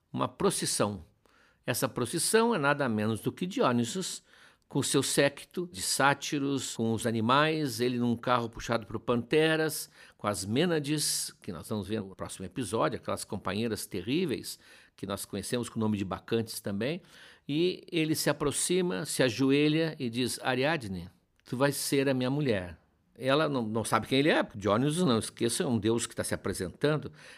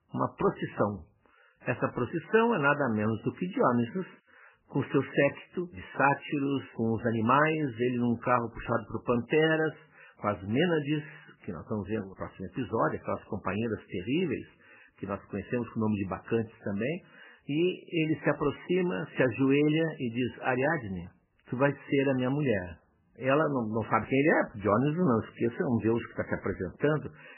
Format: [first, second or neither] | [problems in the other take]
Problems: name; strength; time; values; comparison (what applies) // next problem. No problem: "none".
first | garbled, watery; badly; nothing above 3 kHz